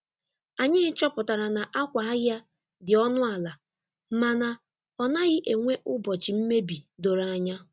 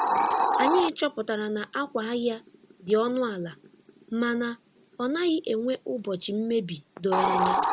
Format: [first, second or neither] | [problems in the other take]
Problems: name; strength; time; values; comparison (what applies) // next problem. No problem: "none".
first | background sound (Hiss); 2 dB below the speech